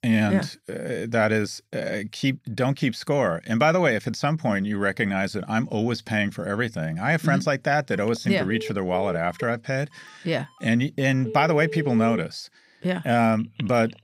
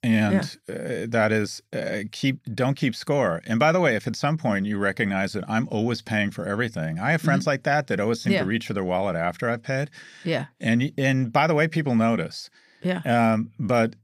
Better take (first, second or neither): second